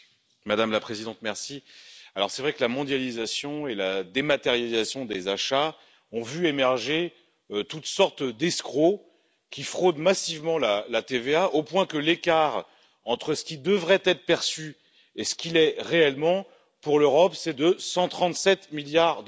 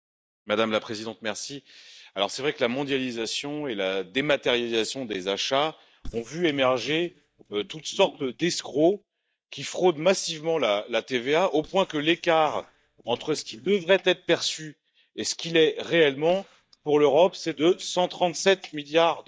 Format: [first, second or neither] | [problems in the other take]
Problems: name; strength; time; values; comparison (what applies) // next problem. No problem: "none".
first | noise reduction (neural mask model DeepFilterNet 3)